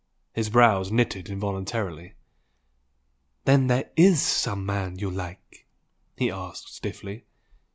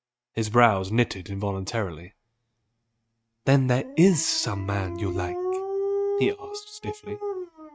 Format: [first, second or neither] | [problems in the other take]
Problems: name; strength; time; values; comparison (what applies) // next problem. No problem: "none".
first | noise reduction (neural mask model RNNoise)